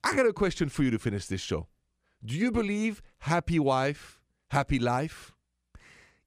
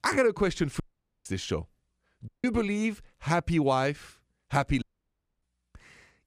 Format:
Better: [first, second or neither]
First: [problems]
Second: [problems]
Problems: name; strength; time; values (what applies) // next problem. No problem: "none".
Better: first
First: none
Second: audio cutting out; at 1 s, at 2.5 s and at 5 s for 0.5 s